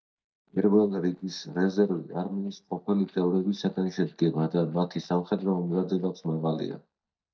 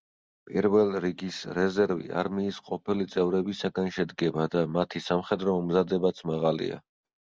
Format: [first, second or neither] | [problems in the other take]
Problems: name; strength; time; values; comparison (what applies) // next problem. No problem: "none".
second | noise reduction (neural mask model DeepFilterNet 3)